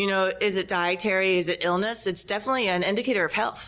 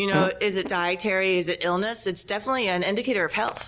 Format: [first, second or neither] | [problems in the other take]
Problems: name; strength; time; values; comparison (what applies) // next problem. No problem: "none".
first | background sound (Fart); 10 dB below the speech